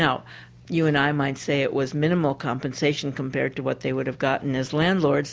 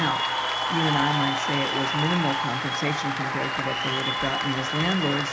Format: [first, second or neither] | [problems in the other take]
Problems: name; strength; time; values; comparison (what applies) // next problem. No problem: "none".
first | background sound (Applause / Cheering); 1 dB above the speech // room echo; dies away in 0.4 s